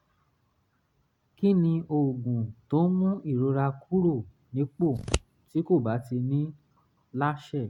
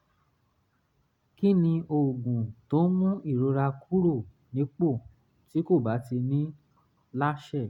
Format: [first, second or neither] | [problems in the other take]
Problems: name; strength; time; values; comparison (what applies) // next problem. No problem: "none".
second | background sound (Scissors); 7 dB below the speech